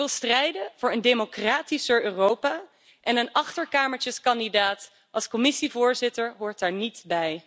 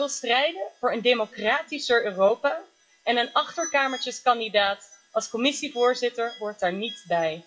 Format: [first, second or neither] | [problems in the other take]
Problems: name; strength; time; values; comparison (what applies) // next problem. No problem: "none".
first | noise reduction (classical method WPE with log-MMSE)